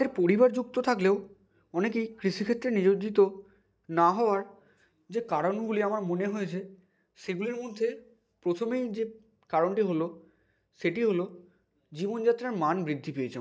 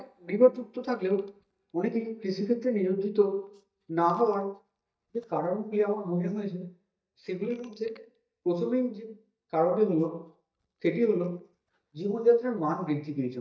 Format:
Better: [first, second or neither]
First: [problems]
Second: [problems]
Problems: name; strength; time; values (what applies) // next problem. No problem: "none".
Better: first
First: none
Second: noise reduction (neural mask model DeepFilterNet 3)